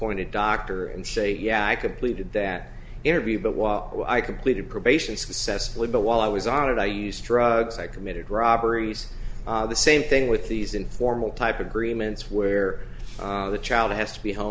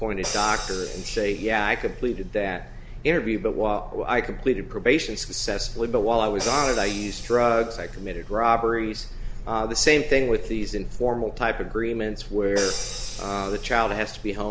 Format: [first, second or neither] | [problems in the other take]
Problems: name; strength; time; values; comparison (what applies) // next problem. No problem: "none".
first | background sound (Crash cymbal); 15 dB below the speech